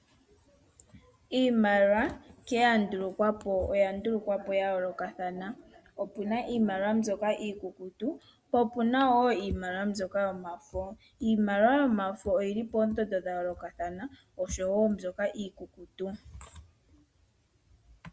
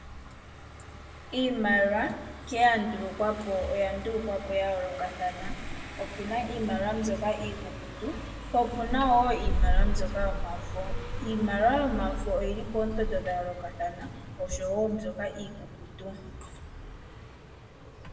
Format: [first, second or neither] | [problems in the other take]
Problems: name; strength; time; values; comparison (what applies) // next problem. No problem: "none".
first | background sound (Car passing by); 3 dB below the speech // room echo; dies away in 0.8 s